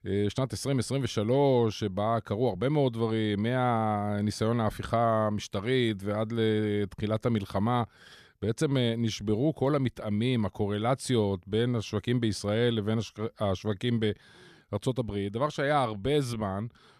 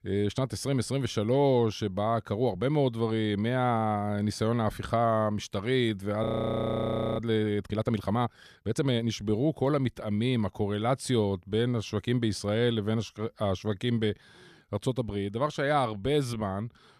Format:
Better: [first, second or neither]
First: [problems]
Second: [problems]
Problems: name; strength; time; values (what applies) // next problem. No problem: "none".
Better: first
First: none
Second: audio freezing; at 6 s for 1 s